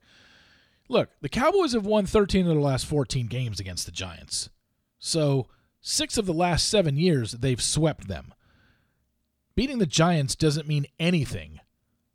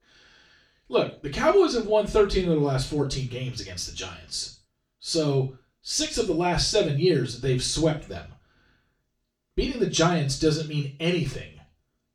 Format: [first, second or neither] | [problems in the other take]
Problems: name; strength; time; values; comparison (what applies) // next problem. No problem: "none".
first | room echo; slight; dies away in 0.3 s // off-mic speech; far